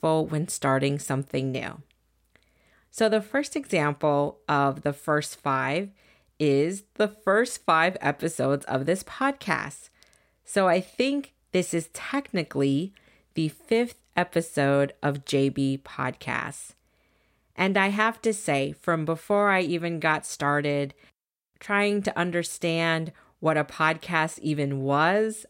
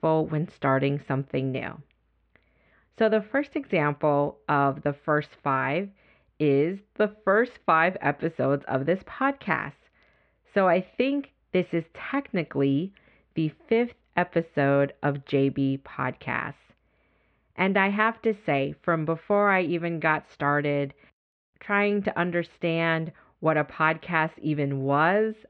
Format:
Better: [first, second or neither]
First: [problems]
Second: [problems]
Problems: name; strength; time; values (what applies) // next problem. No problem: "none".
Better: first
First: none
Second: muffled; very; fading above 3 kHz